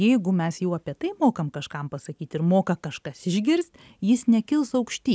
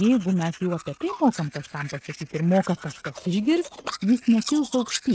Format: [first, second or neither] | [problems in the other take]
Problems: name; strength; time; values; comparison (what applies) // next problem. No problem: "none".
first | noise reduction (neural mask model RNNoise)